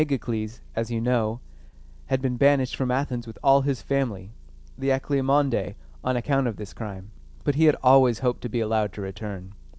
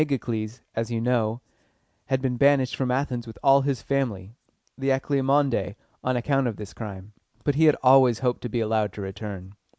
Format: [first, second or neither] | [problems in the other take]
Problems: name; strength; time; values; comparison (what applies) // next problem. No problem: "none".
second | background sound (Motor vehicle (road) / Engine); 18 dB below the speech